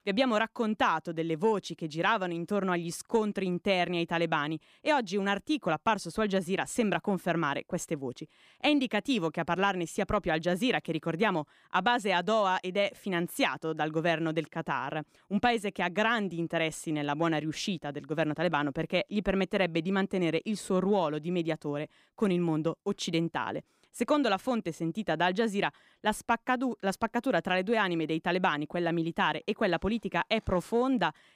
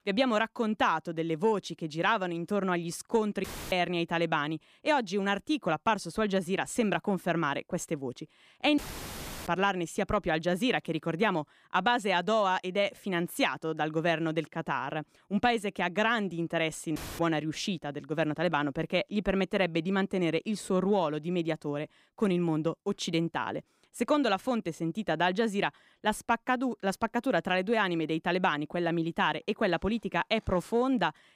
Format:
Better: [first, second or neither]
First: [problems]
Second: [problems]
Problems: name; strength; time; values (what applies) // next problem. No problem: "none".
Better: first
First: none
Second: audio cutting out; filled with static; at 3.5 s, at 9 s for 0.5 s and at 17 s